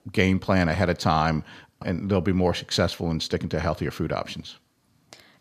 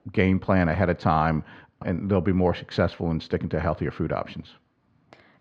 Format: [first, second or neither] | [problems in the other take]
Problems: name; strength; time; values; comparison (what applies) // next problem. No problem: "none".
first | muffled; slightly; fading above 2 kHz